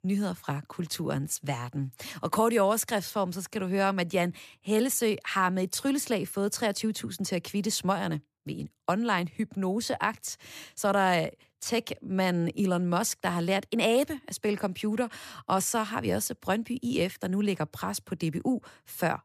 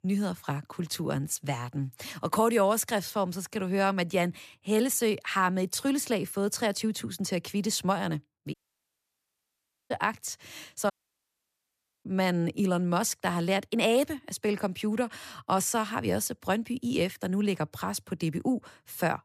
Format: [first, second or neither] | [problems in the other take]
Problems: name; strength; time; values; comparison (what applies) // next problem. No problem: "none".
first | audio cutting out; at 8.5 s for 1.5 s and at 11 s for 1 s